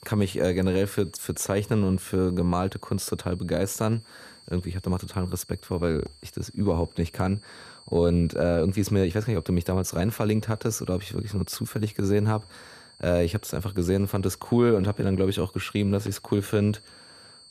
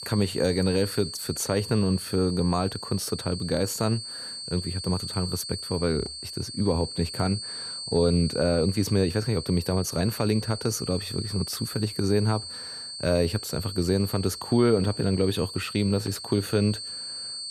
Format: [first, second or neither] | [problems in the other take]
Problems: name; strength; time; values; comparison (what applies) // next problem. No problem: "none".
first | high-pitched whine; loud; throughout; 4.5 kHz, 8 dB below the speech; faint in the first